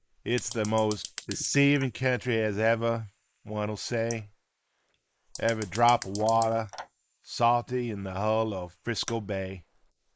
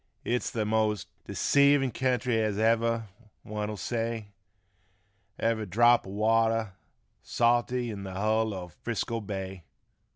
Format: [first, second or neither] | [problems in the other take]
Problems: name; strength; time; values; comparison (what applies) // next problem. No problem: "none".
second | noise reduction (neural mask model Resemble Enhance denoiser)